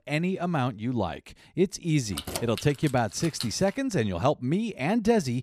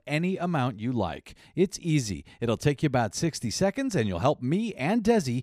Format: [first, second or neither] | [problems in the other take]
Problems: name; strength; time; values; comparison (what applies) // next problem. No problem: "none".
second | jangling keys; noticeable; from 2 to 3.5 s; peak 7 dB below the speech